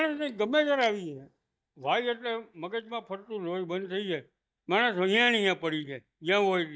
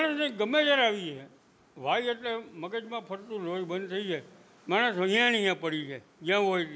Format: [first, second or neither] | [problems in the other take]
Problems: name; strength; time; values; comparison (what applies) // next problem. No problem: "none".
second | noise reduction (neural mask model DeepFilterNet 3)